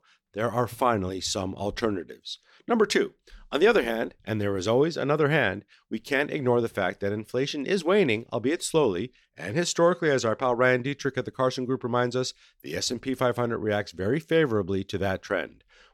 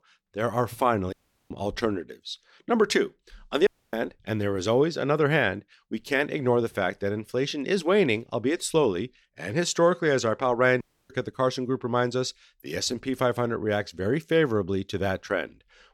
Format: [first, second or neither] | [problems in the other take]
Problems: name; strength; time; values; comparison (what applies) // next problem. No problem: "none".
first | audio cutting out; at 1 s, at 3.5 s and at 11 s